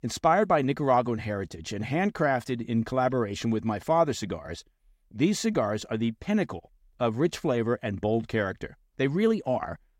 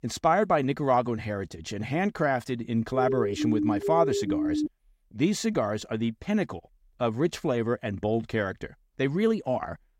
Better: first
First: none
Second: siren; loud; from 3 to 4.5 s; peak level with the speech

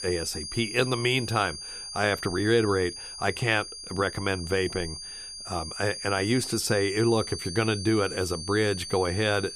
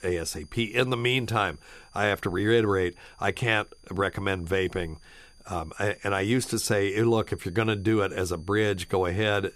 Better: second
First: high-pitched whine; loud; throughout; 5 kHz, 9 dB below the speech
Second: high-pitched whine; faint; throughout; 5 kHz, 30 dB below the speech

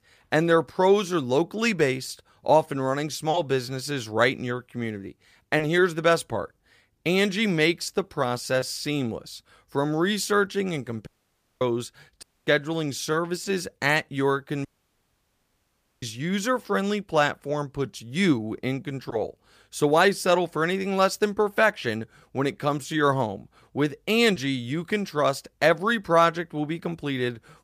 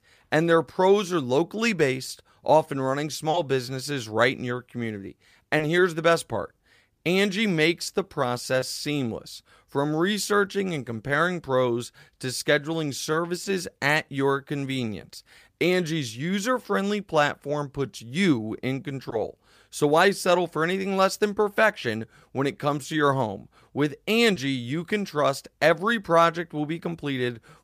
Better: second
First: audio cutting out; at 11 s for 0.5 s, at 12 s and at 15 s for 1.5 s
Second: none

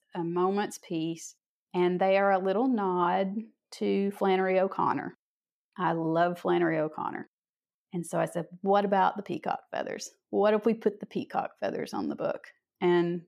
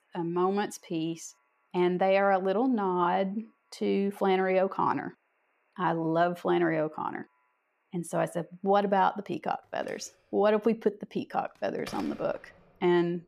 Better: first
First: none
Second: alarms or sirens; faint; throughout; 20 dB below the speech

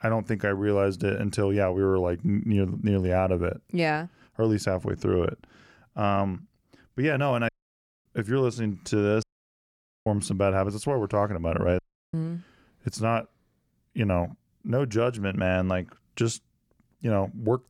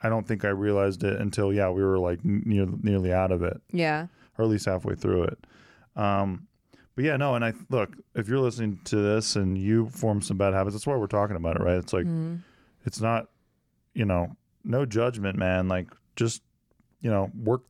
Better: second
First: audio cutting out; at 7.5 s for 0.5 s, at 9 s for 1 s and at 12 s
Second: none

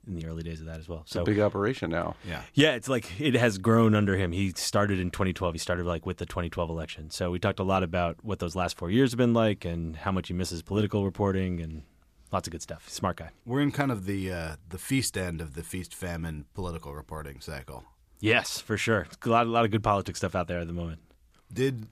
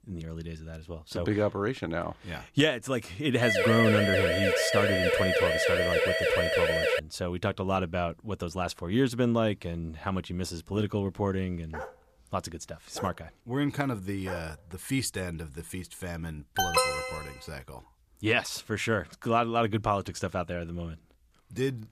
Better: first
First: none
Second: siren; loud; from 3.5 to 7 s; peak 6 dB above the speech // dog barking; faint; from 12 to 14 s; peak 10 dB below the speech // alarm; loud; at 17 s; peak 5 dB above the speech

